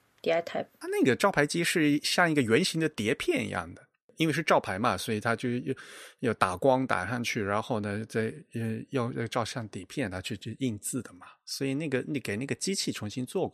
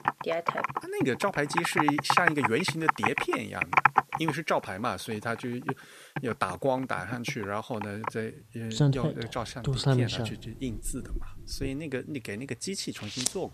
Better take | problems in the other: first | household noises; very loud; throughout; 3 dB above the speech

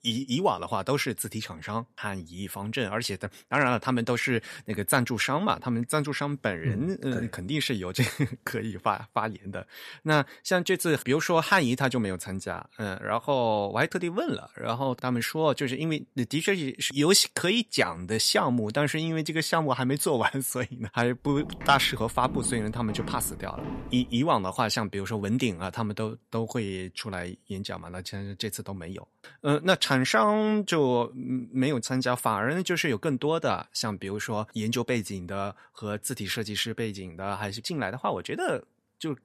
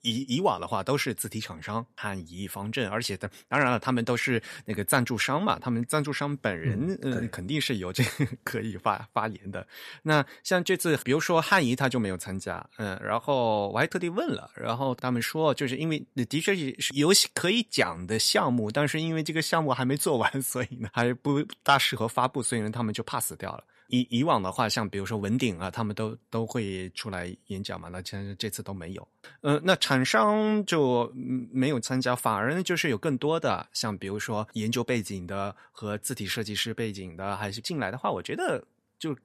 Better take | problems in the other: second | footsteps; noticeable; from 21 to 24 s; peak 8 dB below the speech

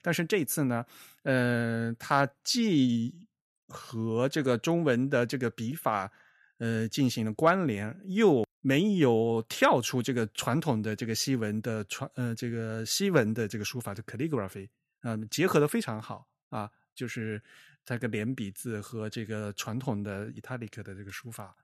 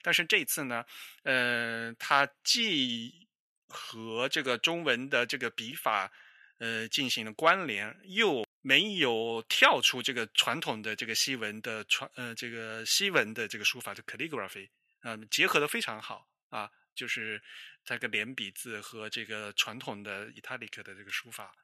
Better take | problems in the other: first | thin; somewhat; fading below 800 Hz

